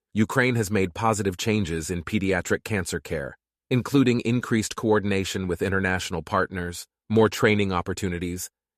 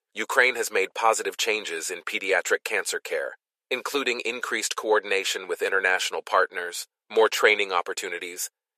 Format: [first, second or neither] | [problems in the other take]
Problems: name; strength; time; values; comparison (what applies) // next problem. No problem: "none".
first | thin; very; fading below 500 Hz